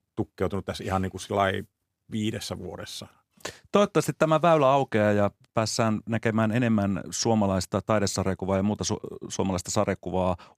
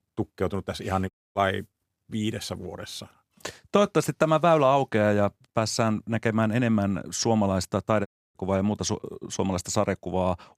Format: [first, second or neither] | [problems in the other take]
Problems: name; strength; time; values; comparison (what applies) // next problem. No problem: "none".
first | audio cutting out; at 1 s and at 8 s